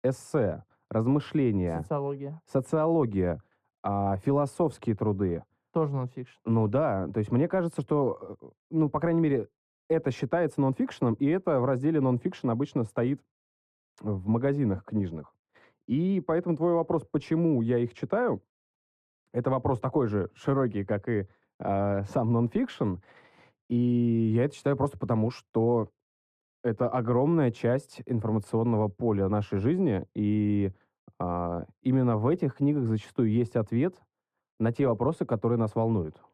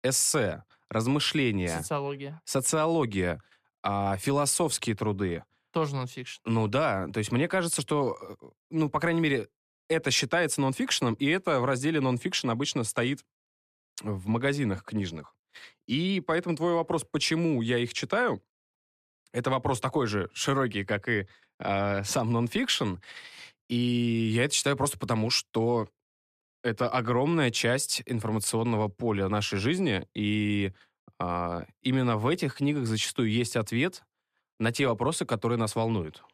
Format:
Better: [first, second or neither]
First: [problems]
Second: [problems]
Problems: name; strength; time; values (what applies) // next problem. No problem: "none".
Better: second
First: muffled; very; fading above 2 kHz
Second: none